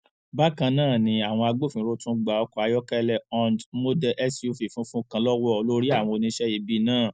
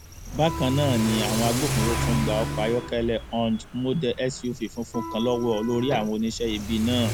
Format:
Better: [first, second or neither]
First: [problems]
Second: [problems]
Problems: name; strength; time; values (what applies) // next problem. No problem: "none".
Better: first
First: none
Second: background sound (Accelerating, revving, vroom / Car + Electric guitar); 5 dB below the speech